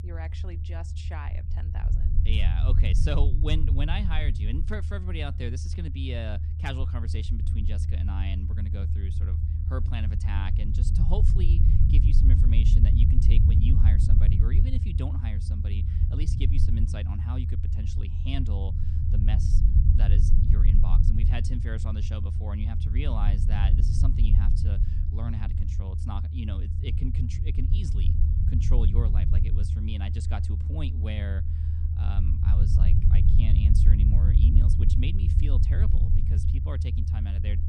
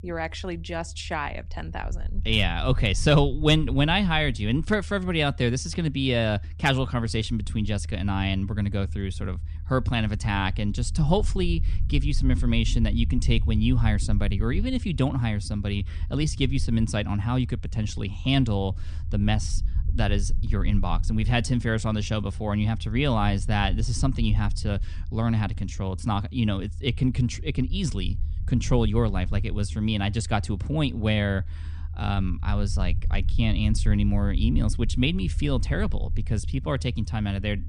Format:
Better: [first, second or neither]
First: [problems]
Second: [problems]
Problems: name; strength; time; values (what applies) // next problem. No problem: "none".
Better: second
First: low rumble; loud; throughout; 1 dB below the speech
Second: low rumble; faint; throughout; 20 dB below the speech